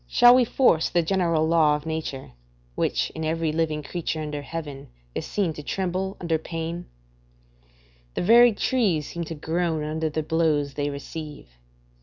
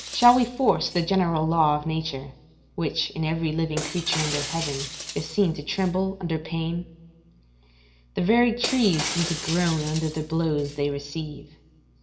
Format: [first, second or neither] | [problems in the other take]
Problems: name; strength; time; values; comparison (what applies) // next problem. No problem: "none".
first | background sound (Shatter); 12 dB below the speech // room echo; dies away in 0.8 s